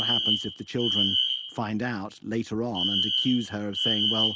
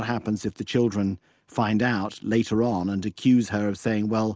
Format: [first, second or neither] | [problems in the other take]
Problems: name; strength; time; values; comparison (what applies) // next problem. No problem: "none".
second | background sound (Alarm); 2 dB above the speech